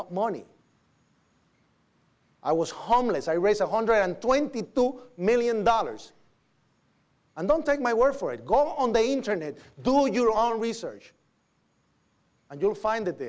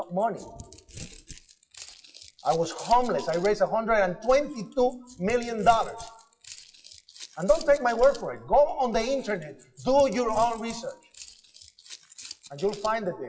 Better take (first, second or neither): first